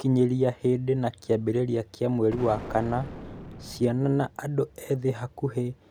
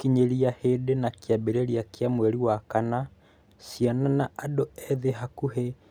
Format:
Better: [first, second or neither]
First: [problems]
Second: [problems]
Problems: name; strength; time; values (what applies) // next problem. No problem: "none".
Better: second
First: background sound (Explosion); 13 dB below the speech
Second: none